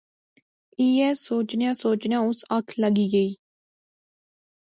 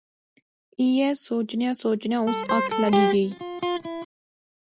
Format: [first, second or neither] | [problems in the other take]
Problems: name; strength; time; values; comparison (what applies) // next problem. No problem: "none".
first | background sound (Electric guitar); as loud as the speech